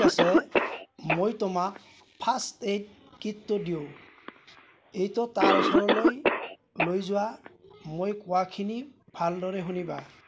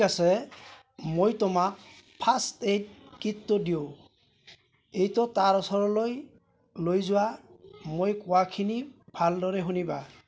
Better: second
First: background sound (Cough); as loud as the speech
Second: none

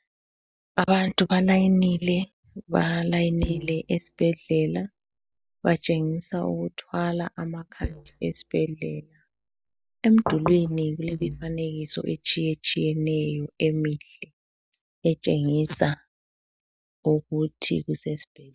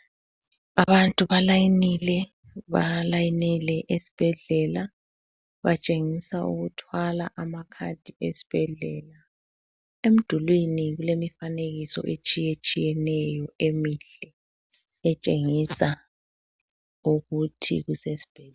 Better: second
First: noise reduction (neural mask model DeepFilterNet 3)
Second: none

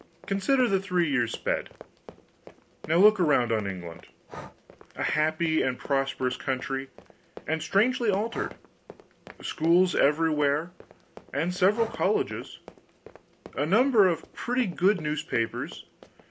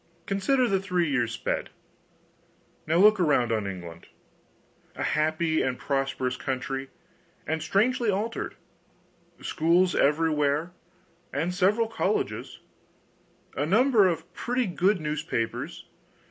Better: second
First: background sound (Run + Breathing); 19 dB below the speech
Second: none

